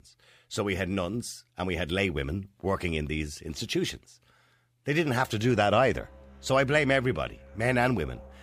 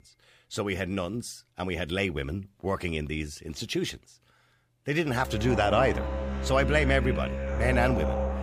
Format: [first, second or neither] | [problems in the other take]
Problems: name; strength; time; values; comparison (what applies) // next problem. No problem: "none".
first | background music; loud; throughout; 2 dB below the speech; faint in the first